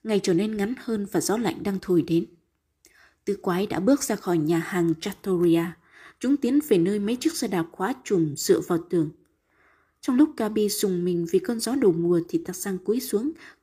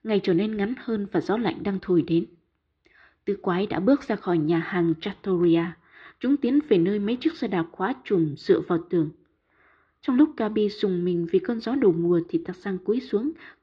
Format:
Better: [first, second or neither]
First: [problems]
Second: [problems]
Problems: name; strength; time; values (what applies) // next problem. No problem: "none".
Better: first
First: none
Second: muffled; slightly; fading above 4 kHz